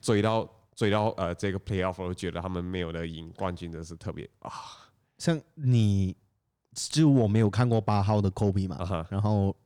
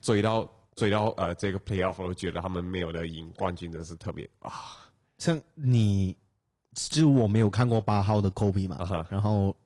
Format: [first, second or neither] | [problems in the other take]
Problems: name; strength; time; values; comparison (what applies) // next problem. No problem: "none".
first | garbled, watery; slightly